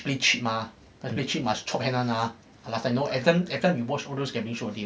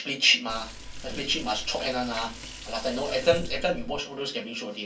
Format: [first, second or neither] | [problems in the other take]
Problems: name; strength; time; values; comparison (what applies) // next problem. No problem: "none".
first | background sound (Liquid); 9 dB below the speech // room echo; dies away in 0.2 s